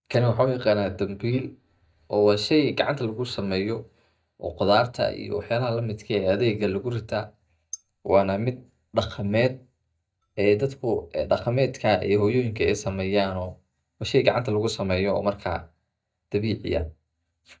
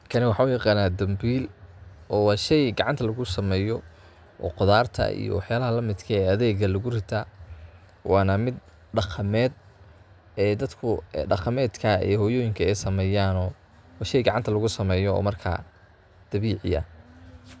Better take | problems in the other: second | noise reduction (neural mask model DeepFilterNet 3)

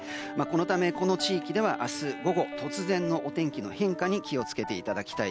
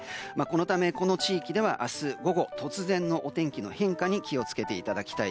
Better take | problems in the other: second | background sound (Wind instrument, woodwind instrument); 12 dB below the speech

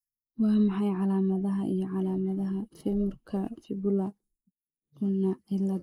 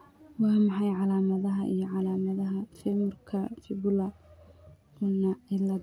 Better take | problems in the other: second | noise reduction (neural mask model Resemble Enhance denoiser)

